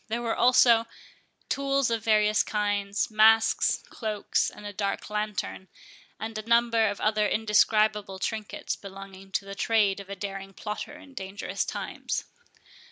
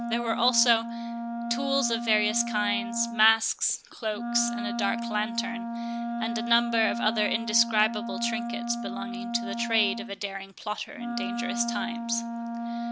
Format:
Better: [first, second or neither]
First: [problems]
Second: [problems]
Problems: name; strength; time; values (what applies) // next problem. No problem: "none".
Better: first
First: none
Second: background sound (Wind instrument, woodwind instrument); 3 dB below the speech